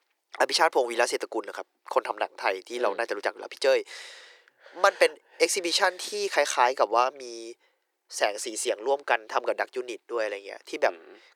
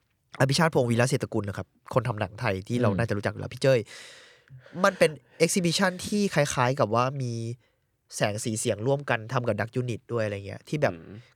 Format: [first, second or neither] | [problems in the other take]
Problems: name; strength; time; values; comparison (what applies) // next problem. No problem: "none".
second | thin; very; fading below 350 Hz